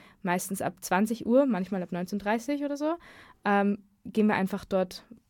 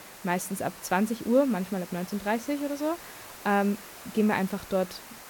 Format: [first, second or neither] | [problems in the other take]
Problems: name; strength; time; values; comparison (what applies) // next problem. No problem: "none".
first | hiss; noticeable; throughout; 15 dB below the speech